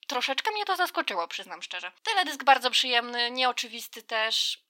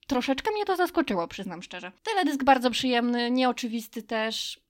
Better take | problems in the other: second | thin; very; fading below 700 Hz

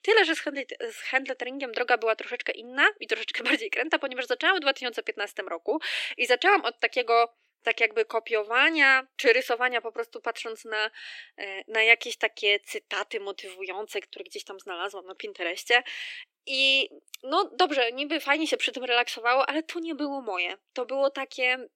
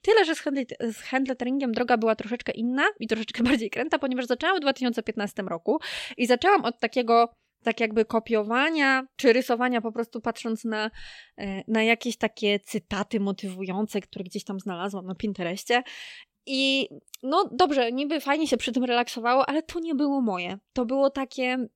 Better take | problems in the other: second | thin; somewhat; fading below 300 Hz

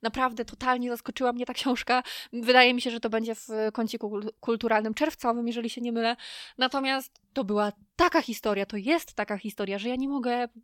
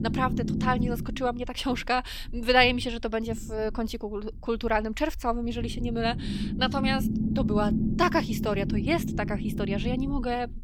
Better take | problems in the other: first | low rumble; loud; throughout; 10 dB below the speech

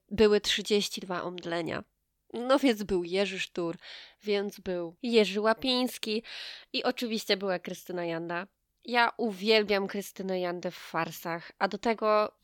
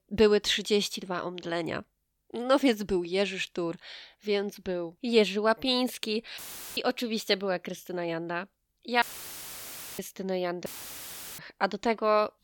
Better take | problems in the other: first | audio cutting out; filled with static; at 6.5 s, at 9 s for 1 s and at 11 s for 0.5 s

